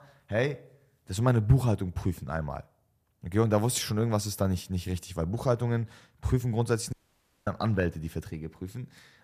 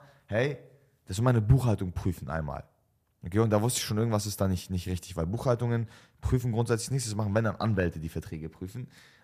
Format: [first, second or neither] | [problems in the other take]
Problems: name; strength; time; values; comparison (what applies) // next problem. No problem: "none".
second | audio cutting out; at 7 s for 0.5 s